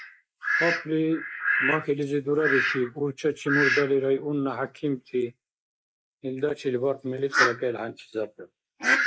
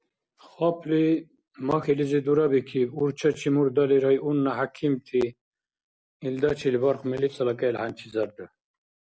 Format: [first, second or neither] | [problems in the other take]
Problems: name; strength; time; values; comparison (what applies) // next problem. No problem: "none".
second | noise reduction (neural mask model Resemble Enhance denoiser)